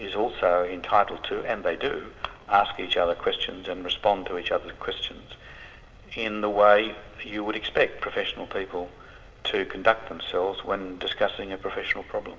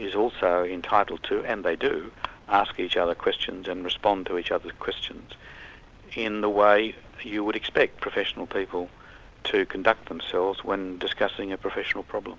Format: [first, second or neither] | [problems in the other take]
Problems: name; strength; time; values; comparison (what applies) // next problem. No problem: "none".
second | room echo; dies away in 2.7 s